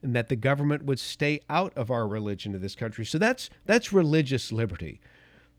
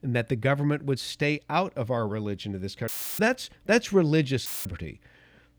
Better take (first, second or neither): first